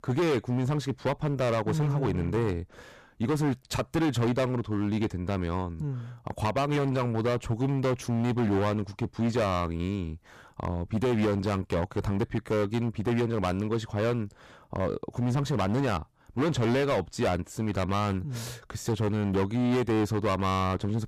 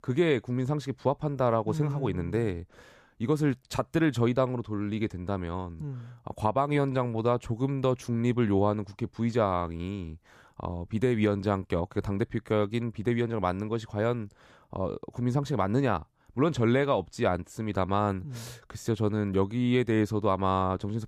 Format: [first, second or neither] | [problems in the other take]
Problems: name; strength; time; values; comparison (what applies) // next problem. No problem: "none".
second | distortion; heavy; 16% of the sound clipped